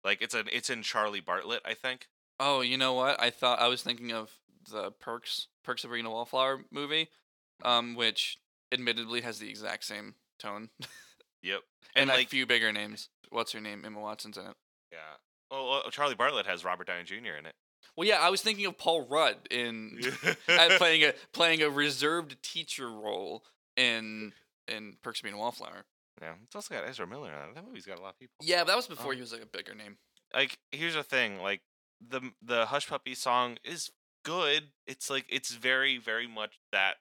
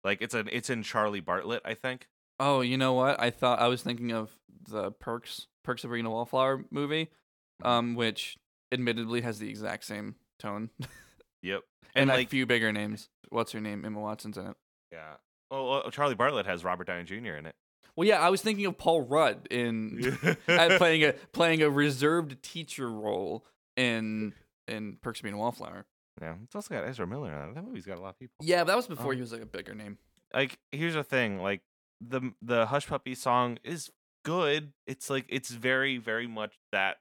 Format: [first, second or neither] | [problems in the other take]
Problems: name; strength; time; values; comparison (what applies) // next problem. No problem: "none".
second | thin; very slightly; fading below 500 Hz